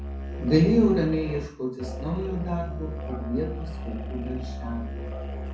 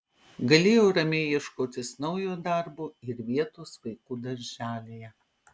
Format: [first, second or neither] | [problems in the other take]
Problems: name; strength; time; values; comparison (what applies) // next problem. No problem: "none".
second | background sound (Musical instrument); 6 dB below the speech // room echo; dies away in 0.5 s